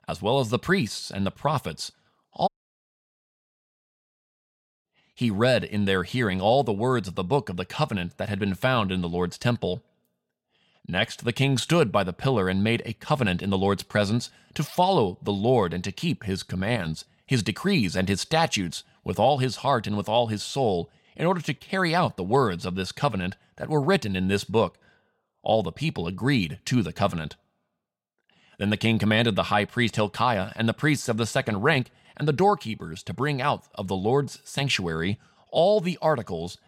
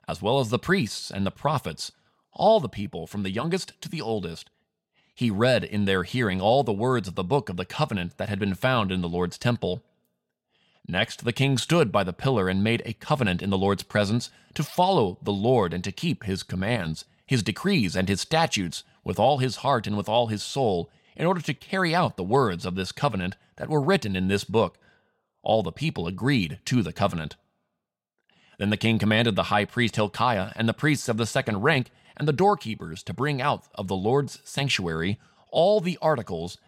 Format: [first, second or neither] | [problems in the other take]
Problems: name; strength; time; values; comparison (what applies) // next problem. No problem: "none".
second | audio cutting out; at 2.5 s for 2.5 s